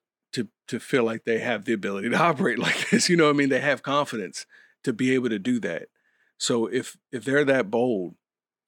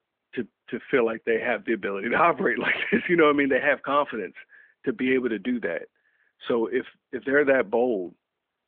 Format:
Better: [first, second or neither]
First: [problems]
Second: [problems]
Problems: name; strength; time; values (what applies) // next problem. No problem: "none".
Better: first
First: none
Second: phone-call audio